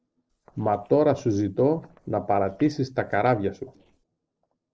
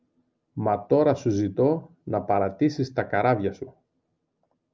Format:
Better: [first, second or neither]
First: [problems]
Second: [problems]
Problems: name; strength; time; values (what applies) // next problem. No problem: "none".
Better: second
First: noise reduction (neural separator model SepFormer DNS4)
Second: none